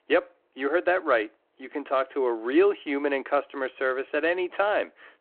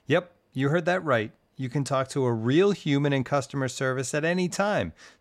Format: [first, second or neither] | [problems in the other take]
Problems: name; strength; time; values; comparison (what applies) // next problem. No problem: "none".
second | phone-call audio